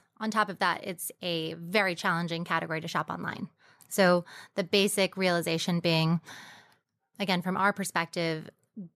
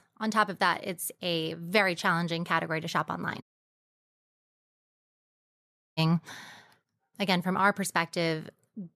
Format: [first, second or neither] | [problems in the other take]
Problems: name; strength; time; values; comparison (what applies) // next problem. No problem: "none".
first | audio cutting out; at 3.5 s for 2.5 s